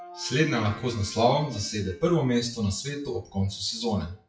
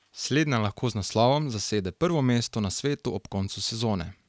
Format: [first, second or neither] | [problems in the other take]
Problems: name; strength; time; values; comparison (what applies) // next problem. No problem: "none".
second | noise reduction (classical method WPE with log-MMSE)